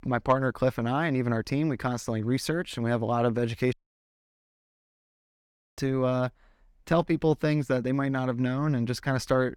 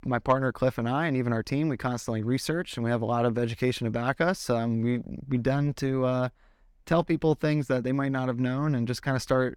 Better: second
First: audio cutting out; at 3.5 s for 2 s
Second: none

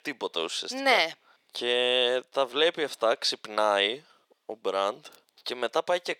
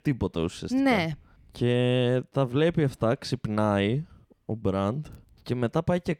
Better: second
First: thin; very; fading below 500 Hz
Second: none

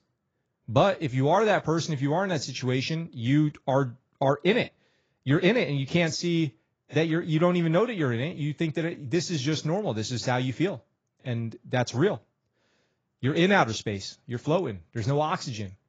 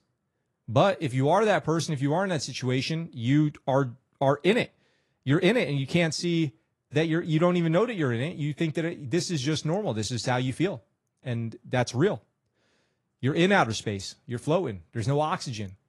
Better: second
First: garbled, watery; badly; nothing above 7.5 kHz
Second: garbled, watery; slightly

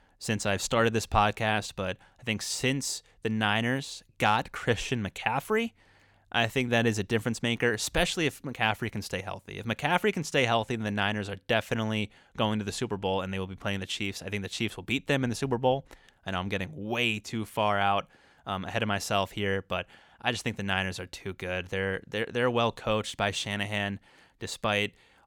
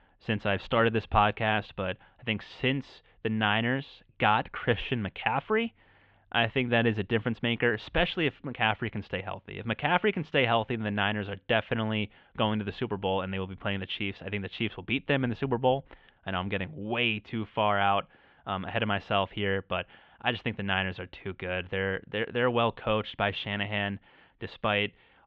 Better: first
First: none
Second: muffled; very; fading above 3 kHz

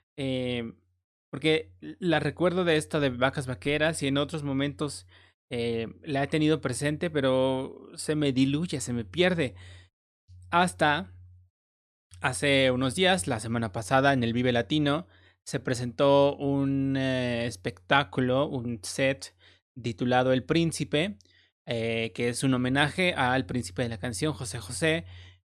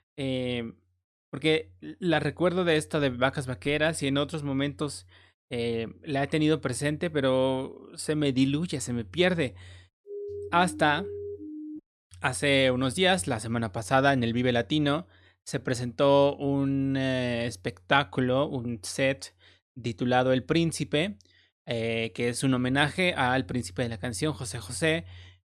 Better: first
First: none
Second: siren; faint; from 10 to 12 s; peak 10 dB below the speech

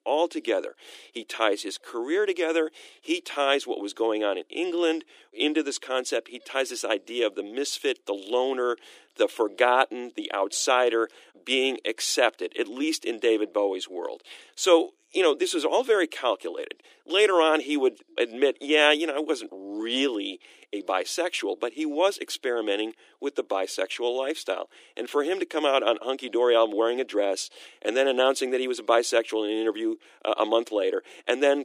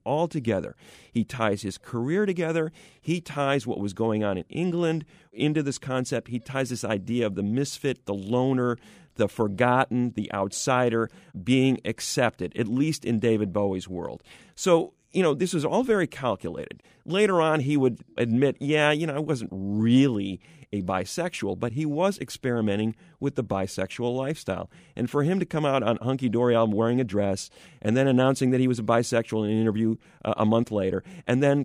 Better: second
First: thin; somewhat; fading below 300 Hz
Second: none

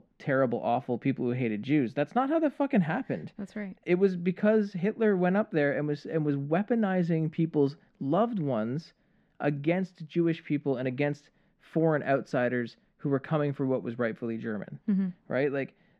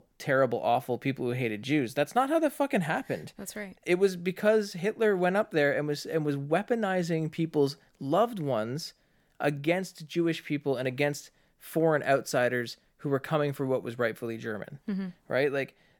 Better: second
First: muffled; slightly; fading above 3 kHz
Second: none

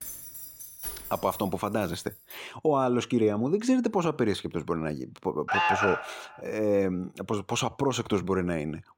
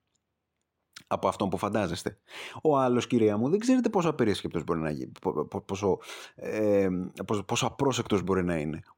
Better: second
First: jangling keys; noticeable; until 2.5 s; peak 7 dB below the speech // alarm; loud; at 5.5 s; peak 4 dB above the speech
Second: none

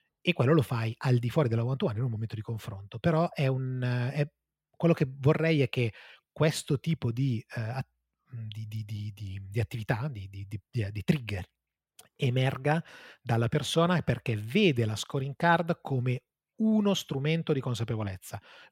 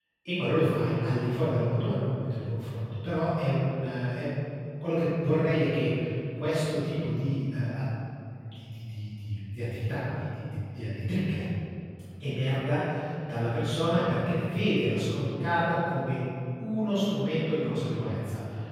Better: first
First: none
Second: off-mic speech; far // room echo; strong; dies away in 2.2 s

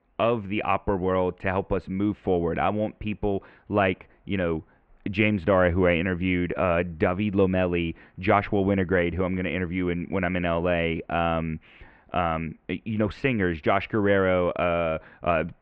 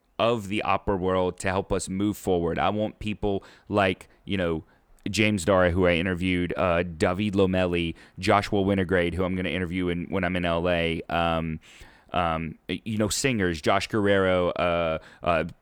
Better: second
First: muffled; very; fading above 2.5 kHz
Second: none

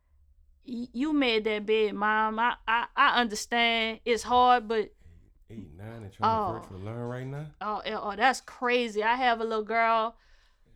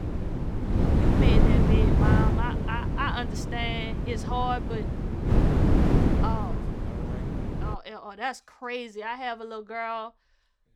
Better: first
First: none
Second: wind noise on the microphone; heavy; until 7.5 s; 1 dB below the speech

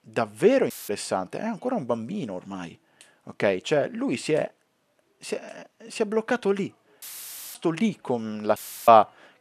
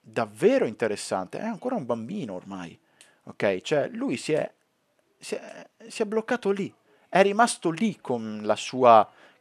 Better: second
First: audio cutting out; filled with static; at 0.5 s, at 7 s for 0.5 s and at 8.5 s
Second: none

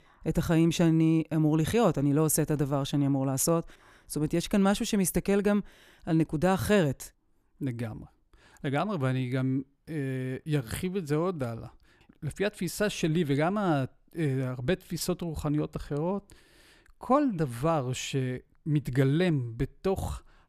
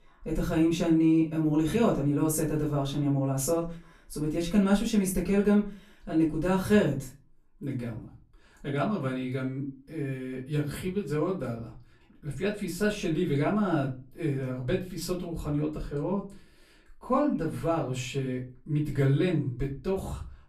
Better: first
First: none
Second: off-mic speech; far // room echo; very slight; dies away in 0.3 s

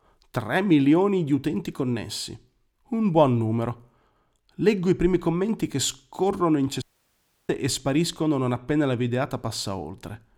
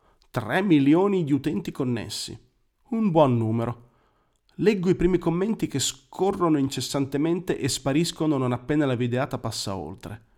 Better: second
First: audio cutting out; at 7 s for 0.5 s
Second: none

